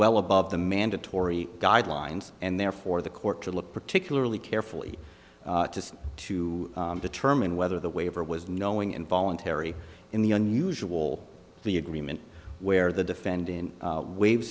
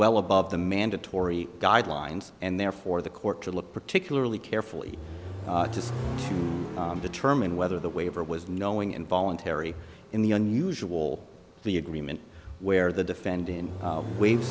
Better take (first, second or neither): first